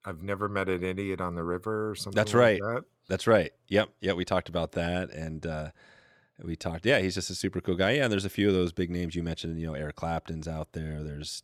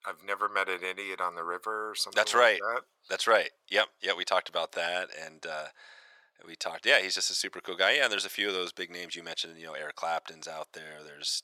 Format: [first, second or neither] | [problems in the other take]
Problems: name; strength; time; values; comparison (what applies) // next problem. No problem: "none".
first | thin; very; fading below 850 Hz